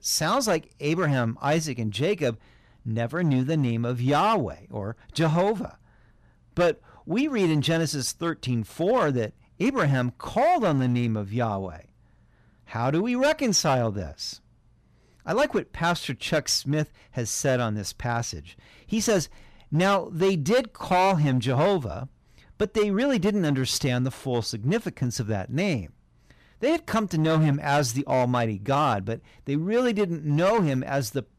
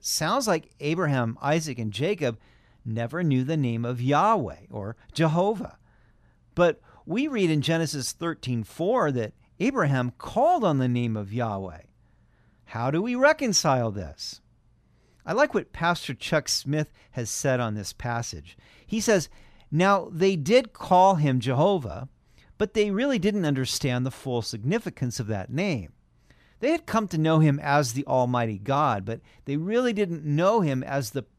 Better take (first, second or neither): second